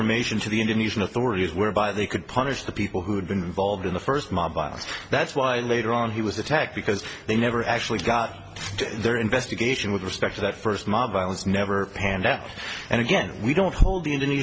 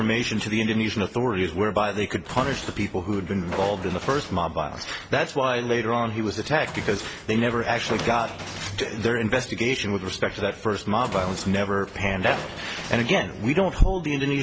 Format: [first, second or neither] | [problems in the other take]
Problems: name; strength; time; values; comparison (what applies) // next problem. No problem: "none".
first | background sound (Train); 15 dB below the speech